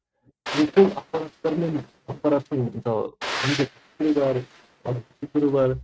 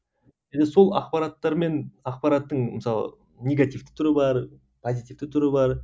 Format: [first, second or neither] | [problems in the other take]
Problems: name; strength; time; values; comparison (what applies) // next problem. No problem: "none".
second | noise reduction (neural mask model RNNoise)